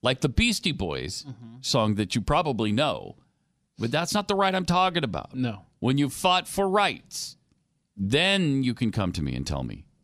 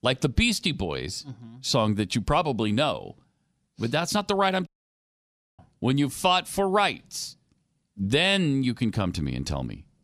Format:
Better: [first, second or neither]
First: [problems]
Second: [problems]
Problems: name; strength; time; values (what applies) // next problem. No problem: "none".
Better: first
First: none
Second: audio cutting out; at 4.5 s for 1 s